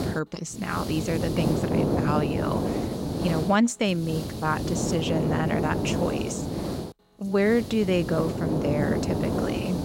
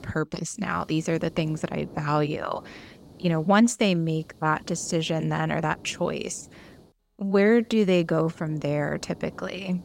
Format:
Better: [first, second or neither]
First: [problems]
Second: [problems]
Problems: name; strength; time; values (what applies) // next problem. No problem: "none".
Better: second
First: hiss; loud; throughout; 1 dB below the speech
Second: hiss; faint; throughout; 20 dB below the speech